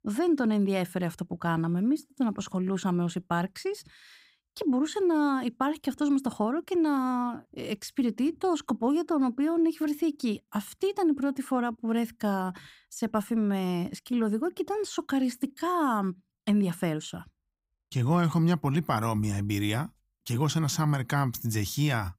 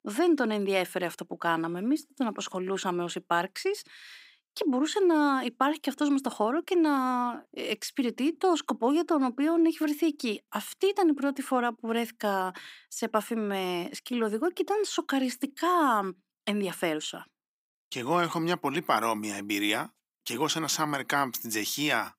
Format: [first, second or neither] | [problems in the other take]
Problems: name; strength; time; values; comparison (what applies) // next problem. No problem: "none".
first | thin; somewhat; fading below 300 Hz